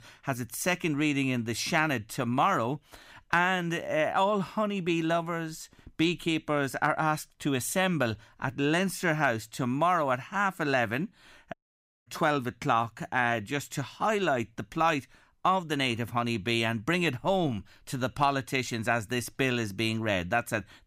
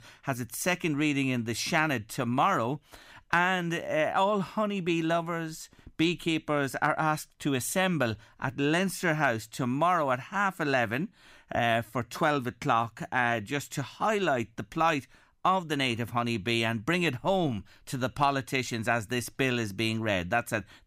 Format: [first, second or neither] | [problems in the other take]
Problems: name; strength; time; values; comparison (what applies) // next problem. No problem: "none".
second | audio cutting out; at 12 s for 0.5 s